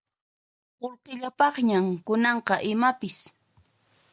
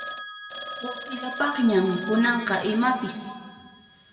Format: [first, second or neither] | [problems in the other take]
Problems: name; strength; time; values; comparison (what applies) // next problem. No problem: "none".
first | background sound (Telephone); 12 dB below the speech // room echo; dies away in 1.7 s